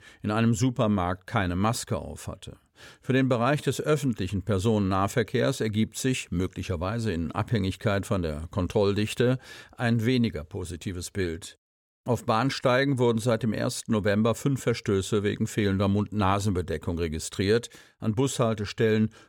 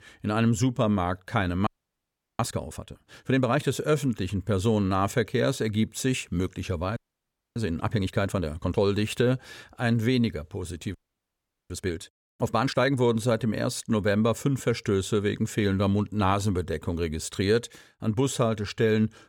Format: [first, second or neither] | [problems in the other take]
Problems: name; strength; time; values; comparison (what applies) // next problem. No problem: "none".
first | audio freezing; at 1.5 s for 0.5 s, at 7 s for 0.5 s and at 11 s for 1 s